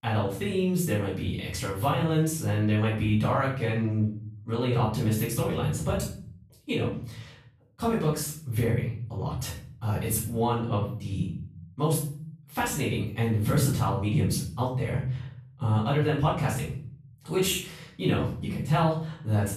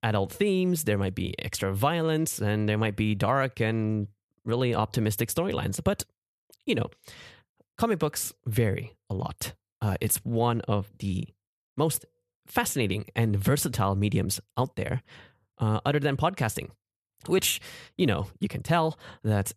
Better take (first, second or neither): second